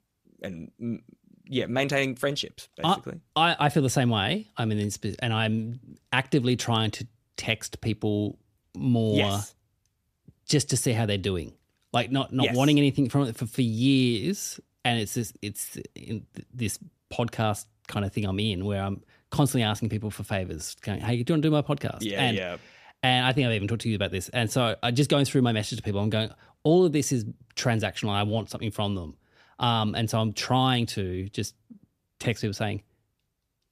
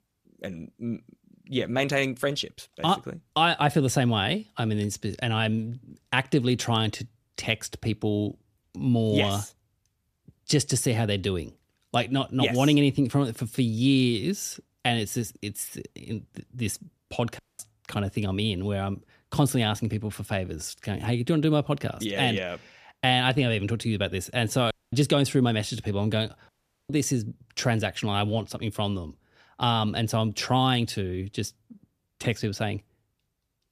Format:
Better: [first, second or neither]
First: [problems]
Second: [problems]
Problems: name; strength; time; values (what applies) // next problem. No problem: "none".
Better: first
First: none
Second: audio cutting out; at 17 s, at 25 s and at 26 s